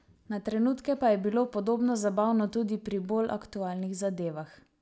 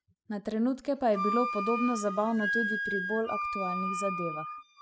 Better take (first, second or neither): first